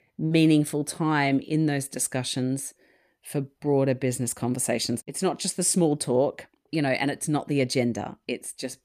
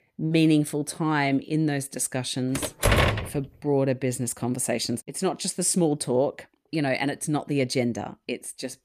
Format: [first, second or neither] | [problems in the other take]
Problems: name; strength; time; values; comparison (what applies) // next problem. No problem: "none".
first | door banging; loud; at 2.5 s; peak 5 dB above the speech